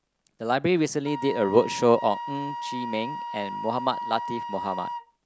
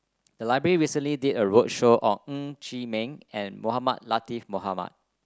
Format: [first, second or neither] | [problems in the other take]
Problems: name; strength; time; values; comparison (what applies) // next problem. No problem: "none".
second | background sound (Wind instrument, woodwind instrument); 8 dB below the speech